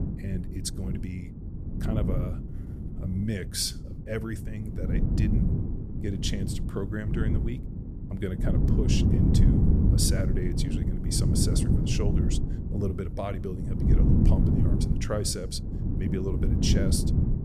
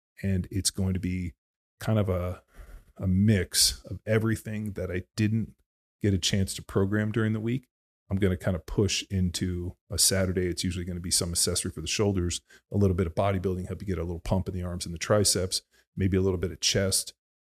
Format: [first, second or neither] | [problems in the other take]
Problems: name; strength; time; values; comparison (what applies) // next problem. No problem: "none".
second | wind noise on the microphone; heavy; 2 dB below the speech